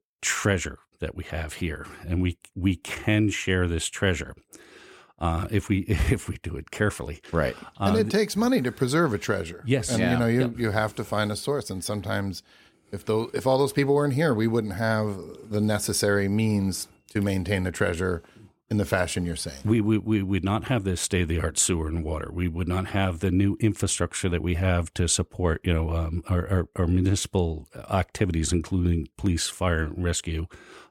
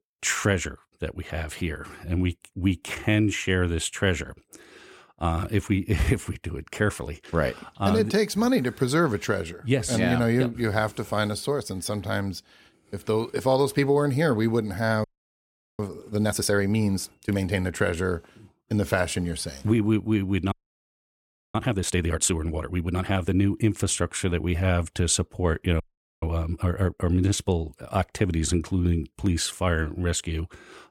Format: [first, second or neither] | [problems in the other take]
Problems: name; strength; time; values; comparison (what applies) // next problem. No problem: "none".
first | audio freezing; at 15 s for 1 s, at 21 s for 1 s and at 26 s